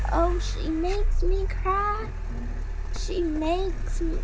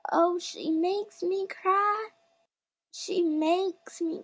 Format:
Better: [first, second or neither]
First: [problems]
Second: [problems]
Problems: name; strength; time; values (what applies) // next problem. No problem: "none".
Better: second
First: background sound (Car); 3 dB above the speech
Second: none